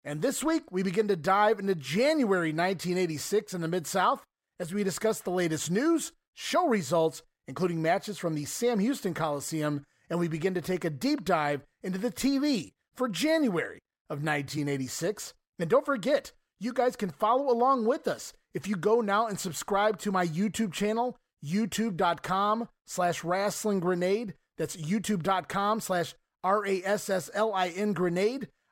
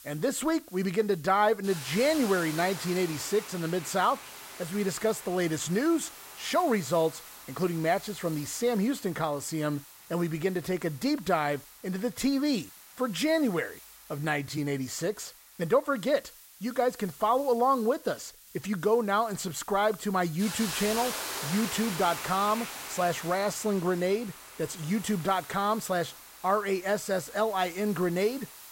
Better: first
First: none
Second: hiss; noticeable; throughout; 15 dB below the speech

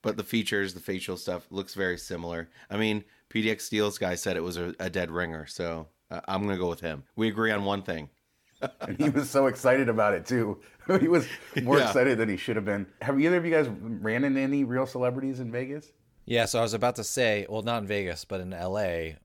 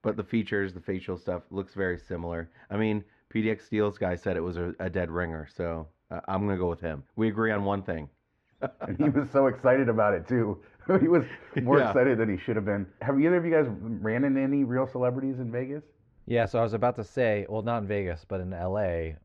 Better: first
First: none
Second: muffled; very; fading above 1.5 kHz

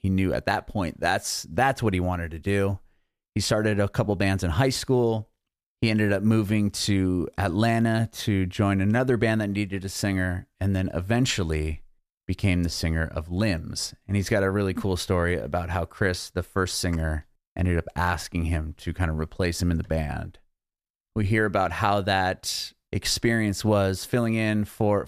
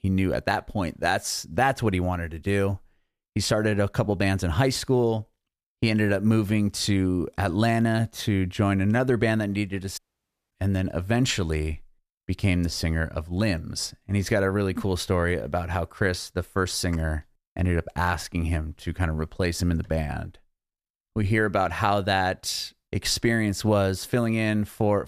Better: first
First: none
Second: audio cutting out; at 10 s for 0.5 s

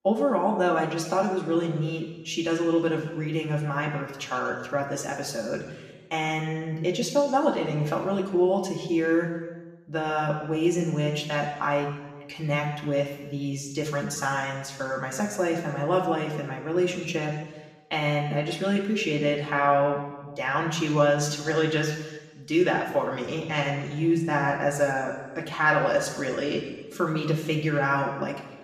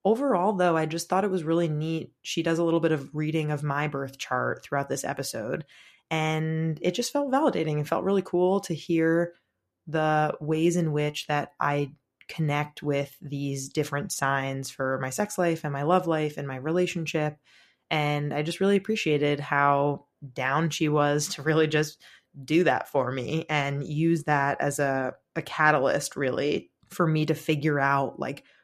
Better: second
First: room echo; noticeable; dies away in 1.2 s // off-mic speech; somewhat distant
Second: none

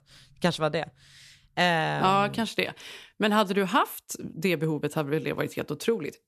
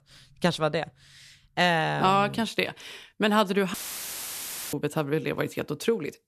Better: first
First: none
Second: audio cutting out; filled with static; at 3.5 s for 1 s

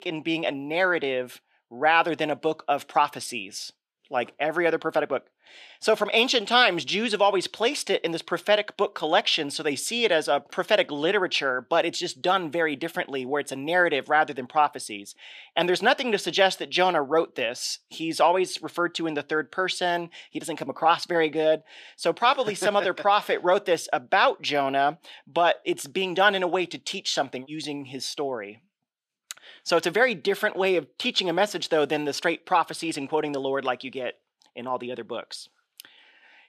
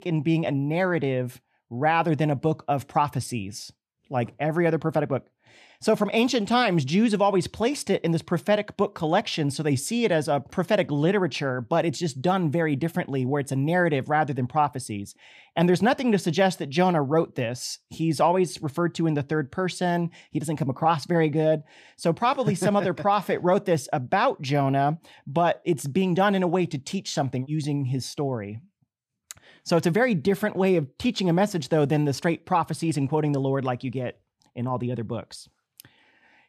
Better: second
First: thin; somewhat; fading below 450 Hz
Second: none

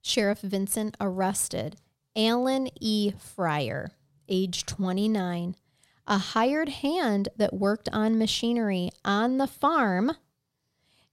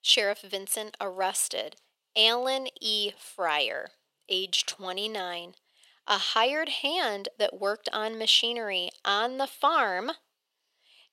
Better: first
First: none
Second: thin; very; fading below 450 Hz

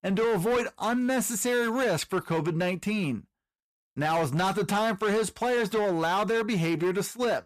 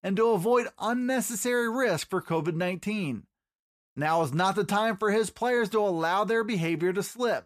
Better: second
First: distortion; slight; 16% of the sound clipped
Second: none

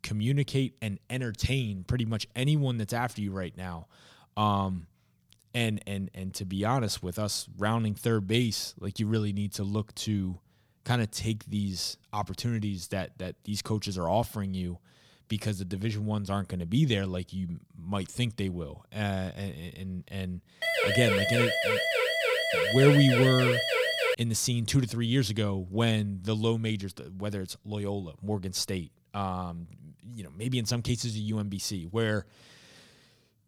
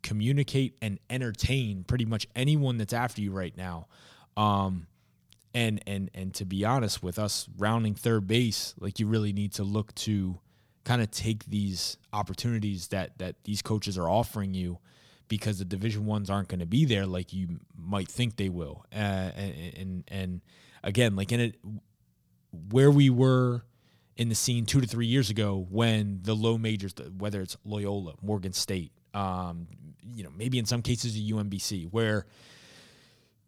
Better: second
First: siren; loud; from 21 to 24 s; peak 4 dB above the speech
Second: none

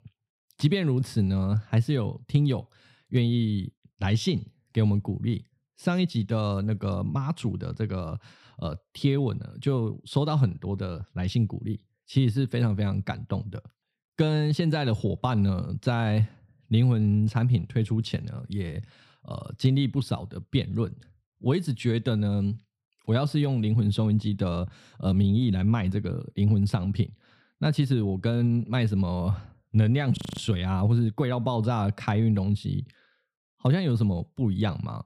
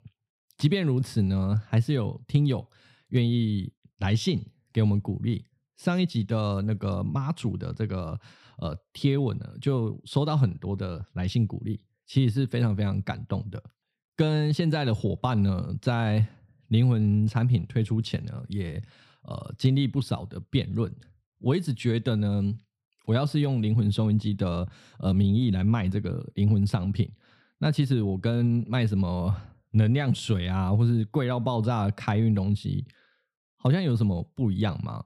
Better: second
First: audio freezing; at 30 s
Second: none

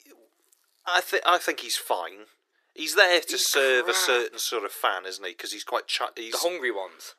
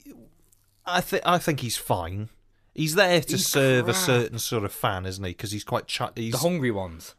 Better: second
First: thin; very; fading below 350 Hz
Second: none

